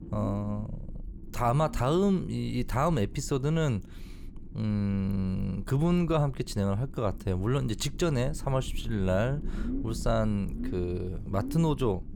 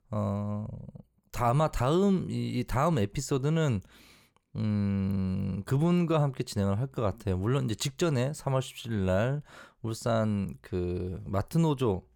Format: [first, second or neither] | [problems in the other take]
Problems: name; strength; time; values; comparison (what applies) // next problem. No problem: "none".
second | low rumble; noticeable; throughout; 15 dB below the speech